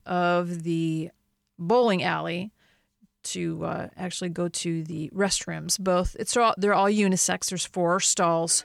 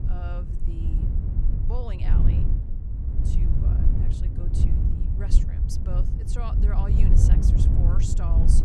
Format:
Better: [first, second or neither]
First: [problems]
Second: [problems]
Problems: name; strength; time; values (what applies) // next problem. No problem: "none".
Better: first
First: none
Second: wind noise on the microphone; heavy; 2 dB above the speech